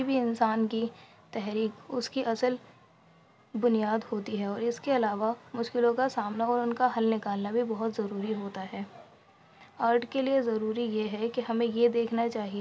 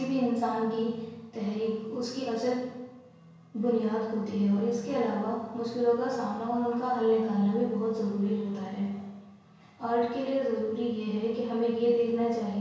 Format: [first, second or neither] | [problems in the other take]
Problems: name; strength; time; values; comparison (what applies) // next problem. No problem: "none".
first | room echo; dies away in 1 s